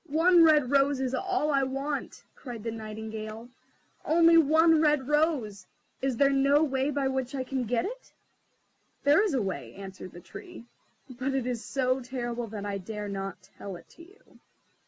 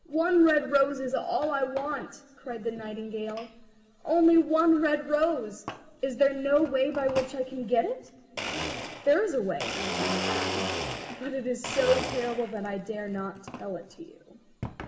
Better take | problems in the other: first | background sound (Domestic sounds, home sounds); 10 dB below the speech // room echo; dies away in 2.7 s

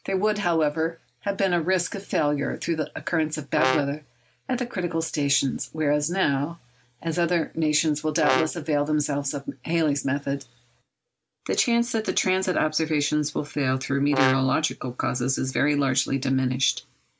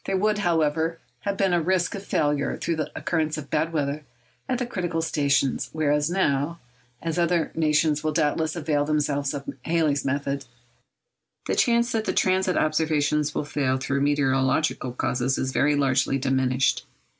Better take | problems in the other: second | background sound (Brass instrument); 4 dB below the speech

